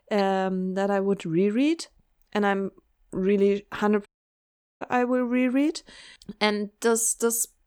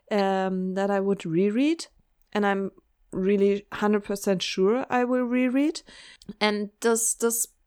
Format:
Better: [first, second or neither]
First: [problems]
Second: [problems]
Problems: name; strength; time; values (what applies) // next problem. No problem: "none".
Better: second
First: audio cutting out; at 4 s for 1 s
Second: none